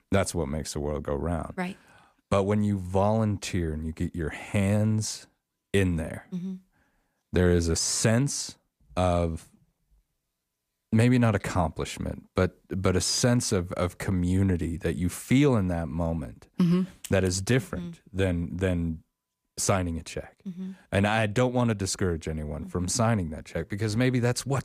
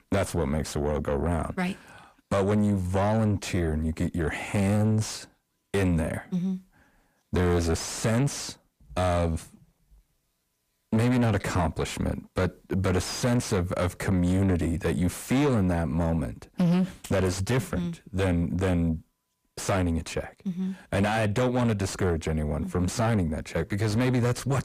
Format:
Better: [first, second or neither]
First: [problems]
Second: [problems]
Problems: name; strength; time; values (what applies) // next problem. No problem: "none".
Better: first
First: none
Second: distortion; heavy; 7 dB below the speech